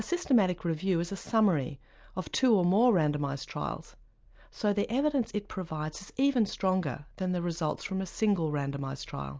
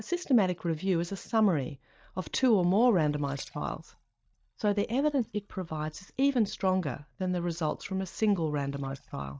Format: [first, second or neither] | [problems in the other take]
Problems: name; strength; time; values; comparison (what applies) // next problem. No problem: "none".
first | noise reduction (neural mask model DeepFilterNet 3)